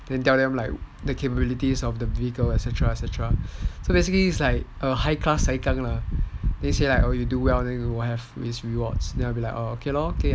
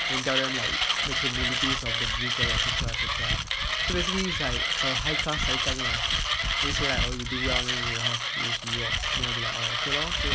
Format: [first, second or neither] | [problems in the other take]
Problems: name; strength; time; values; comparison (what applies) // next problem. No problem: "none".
first | background sound (Mechanisms); 4 dB above the speech